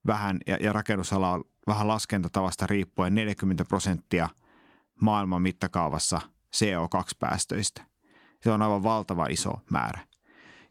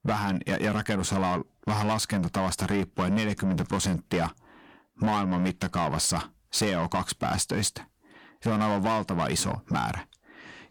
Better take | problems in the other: first | distortion; heavy; 7 dB below the speech

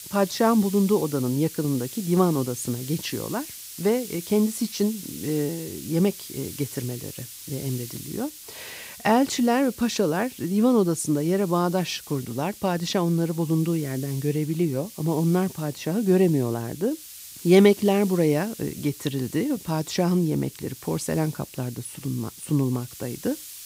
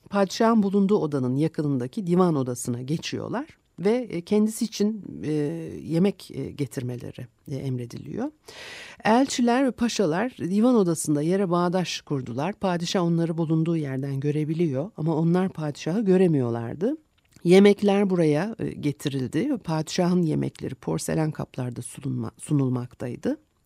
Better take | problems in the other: second | hiss; noticeable; throughout; 15 dB below the speech

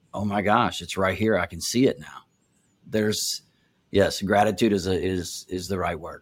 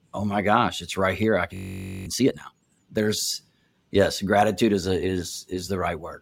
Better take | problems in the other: first | audio freezing; at 1.5 s for 0.5 s

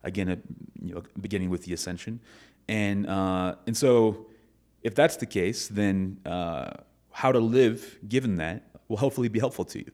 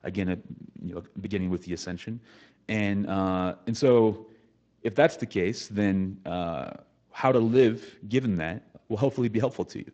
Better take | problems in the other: first | garbled, watery; slightly

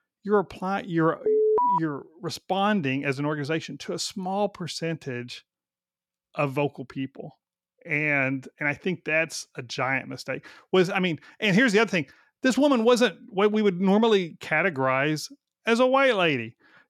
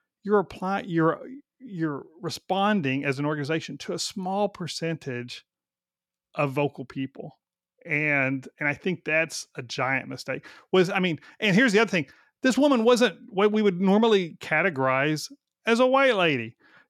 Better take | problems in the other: second | alarm; loud; at 1.5 s; peak 4 dB above the speech

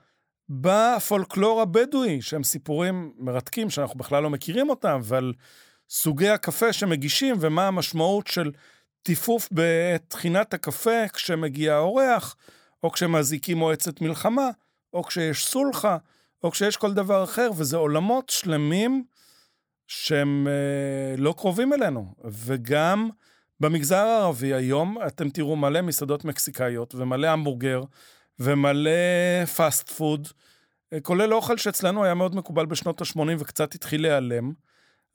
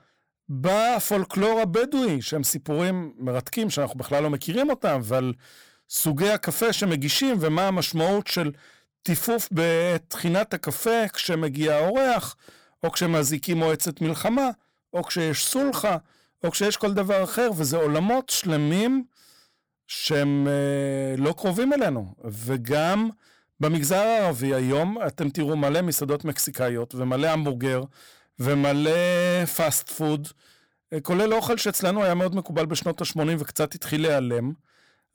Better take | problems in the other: first | distortion; slight; 10% of the sound clipped

